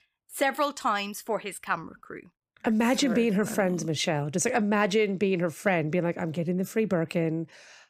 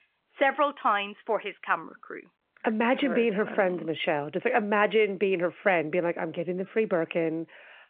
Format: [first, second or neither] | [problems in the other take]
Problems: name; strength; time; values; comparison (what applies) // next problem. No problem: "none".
first | phone-call audio